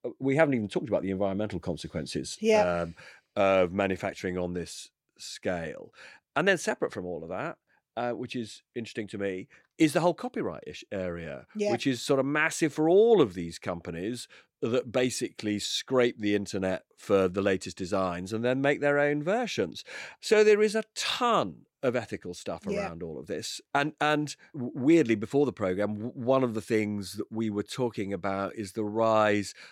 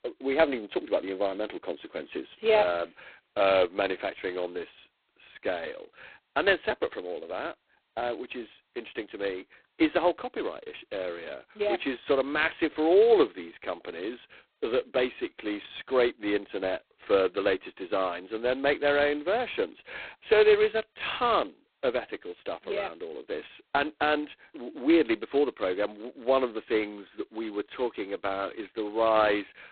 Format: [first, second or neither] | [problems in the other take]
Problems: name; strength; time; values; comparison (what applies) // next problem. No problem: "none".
first | phone-call audio; poor line; nothing above 4 kHz